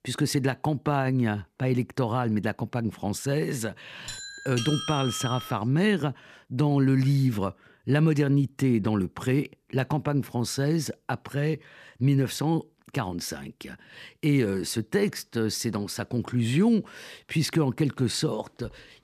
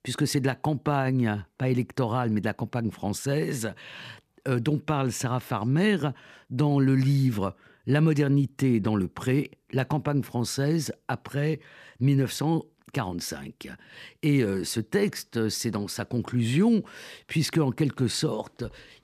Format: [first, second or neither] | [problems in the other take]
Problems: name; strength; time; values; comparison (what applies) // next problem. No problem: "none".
second | doorbell; noticeable; from 4 to 5.5 s; peak 5 dB below the speech